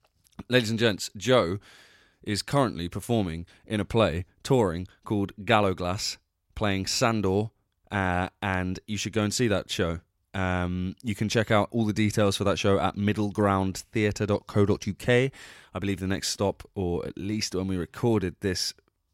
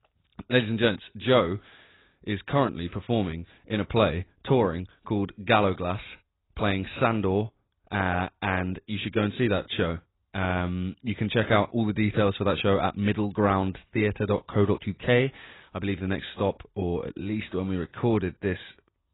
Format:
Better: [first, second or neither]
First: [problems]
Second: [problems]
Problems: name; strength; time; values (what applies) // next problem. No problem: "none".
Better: first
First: none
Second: garbled, watery; badly; nothing above 4 kHz